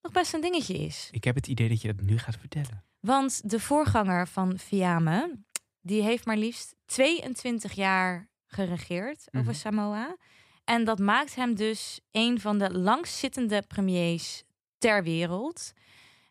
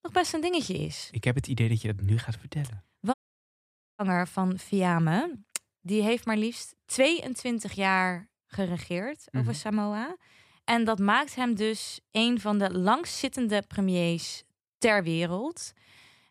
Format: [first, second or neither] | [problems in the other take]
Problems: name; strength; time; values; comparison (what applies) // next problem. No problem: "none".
first | audio cutting out; at 3 s for 1 s